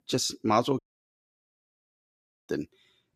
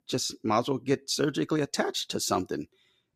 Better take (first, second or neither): second